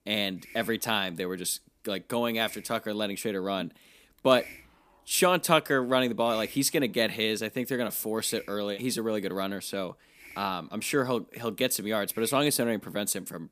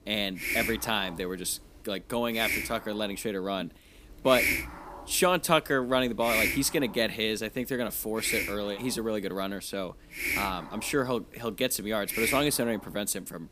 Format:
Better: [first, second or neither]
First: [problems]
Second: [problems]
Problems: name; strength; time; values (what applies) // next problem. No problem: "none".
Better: first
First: hiss; faint; throughout; 20 dB below the speech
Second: hiss; loud; throughout; 1 dB below the speech